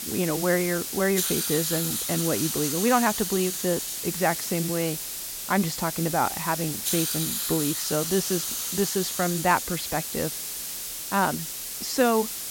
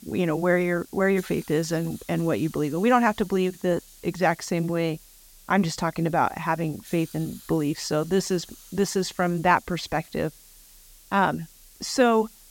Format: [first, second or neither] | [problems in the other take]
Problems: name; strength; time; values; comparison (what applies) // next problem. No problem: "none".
second | hiss; loud; throughout; 2 dB below the speech; faint in the second